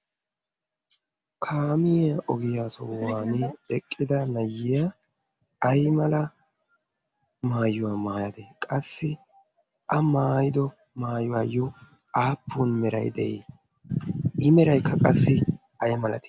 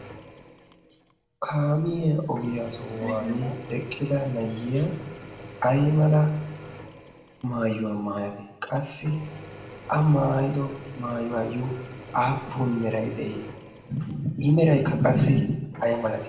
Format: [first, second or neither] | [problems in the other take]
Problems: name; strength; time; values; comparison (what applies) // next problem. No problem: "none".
first | background sound (Drill / Mechanisms); 18 dB below the speech // room echo; dies away in 0.9 s